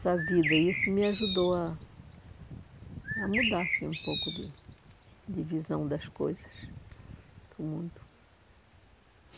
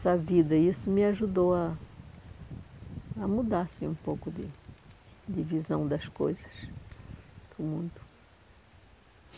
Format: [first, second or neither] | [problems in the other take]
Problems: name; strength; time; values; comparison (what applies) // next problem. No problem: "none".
second | background sound (Bird); 2 dB below the speech